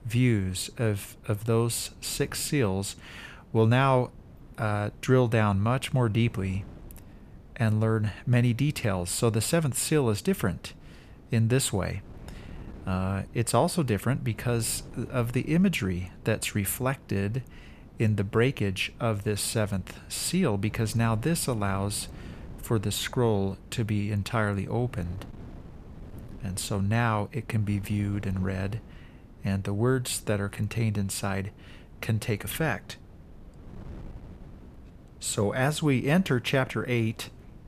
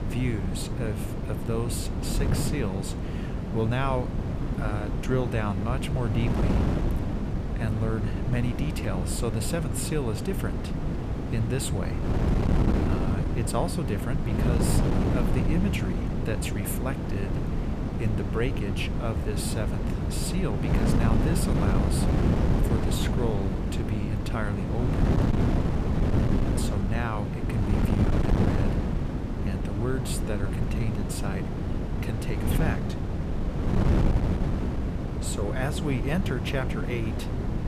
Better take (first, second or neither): first